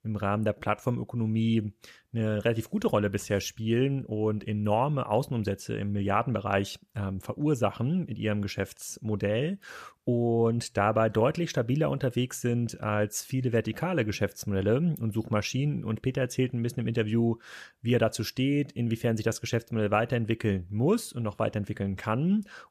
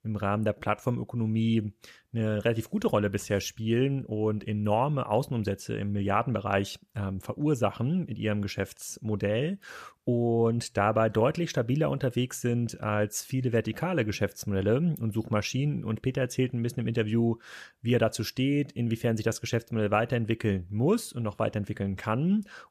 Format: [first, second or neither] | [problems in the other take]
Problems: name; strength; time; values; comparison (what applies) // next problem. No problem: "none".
neither | none